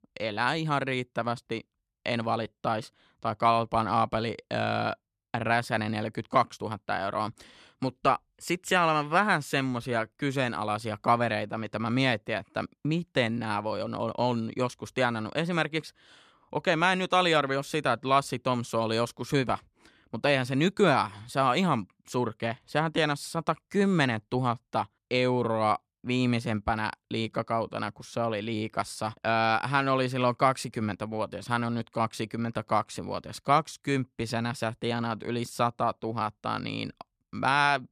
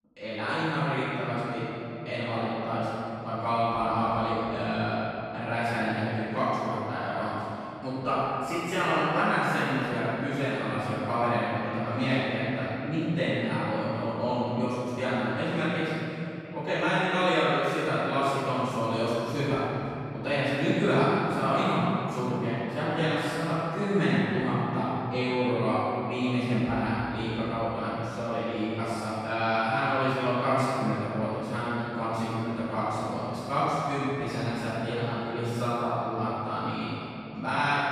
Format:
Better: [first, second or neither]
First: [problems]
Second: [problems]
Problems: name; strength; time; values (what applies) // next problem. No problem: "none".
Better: first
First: none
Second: room echo; strong; dies away in 3 s // off-mic speech; far